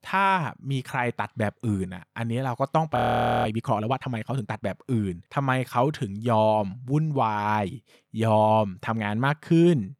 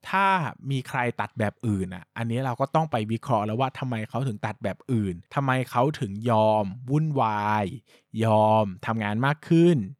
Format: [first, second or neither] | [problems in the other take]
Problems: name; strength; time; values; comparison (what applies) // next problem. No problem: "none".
second | audio freezing; at 3 s